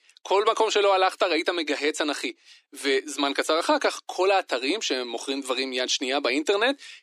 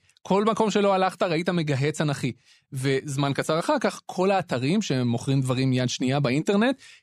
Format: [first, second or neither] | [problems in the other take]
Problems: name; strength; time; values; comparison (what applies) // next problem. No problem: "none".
second | thin; somewhat; fading below 300 Hz